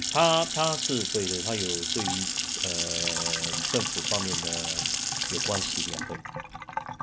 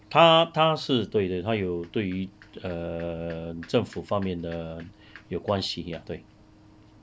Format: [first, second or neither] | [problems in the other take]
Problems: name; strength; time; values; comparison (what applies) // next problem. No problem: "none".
second | background sound (Sink (filling or washing) / Water tap, faucet / Splash, splatter); 1 dB above the speech